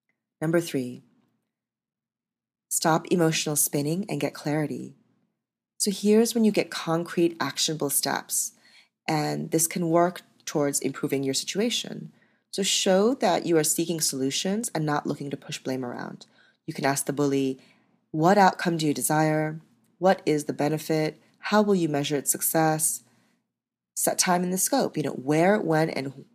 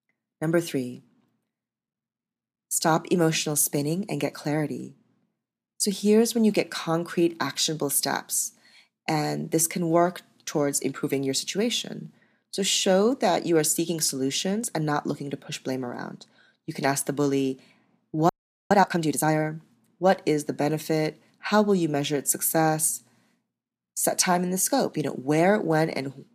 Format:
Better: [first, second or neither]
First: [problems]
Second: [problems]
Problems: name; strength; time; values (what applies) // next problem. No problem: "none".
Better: first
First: none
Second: audio freezing; at 18 s